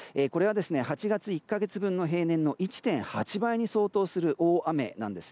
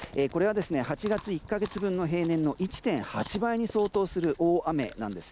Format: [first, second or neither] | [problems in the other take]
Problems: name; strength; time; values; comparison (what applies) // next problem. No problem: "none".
first | background sound (Chewing, mastication); 19 dB below the speech